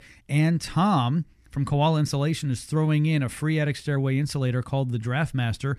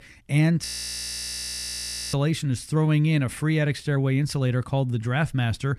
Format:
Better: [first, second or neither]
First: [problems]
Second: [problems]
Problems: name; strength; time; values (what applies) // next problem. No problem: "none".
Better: first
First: none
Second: audio freezing; at 0.5 s for 1.5 s